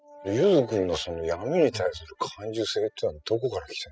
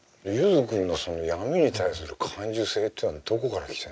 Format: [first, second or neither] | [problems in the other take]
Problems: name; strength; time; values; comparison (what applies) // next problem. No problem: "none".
second | noise reduction (classical method spectral subtraction)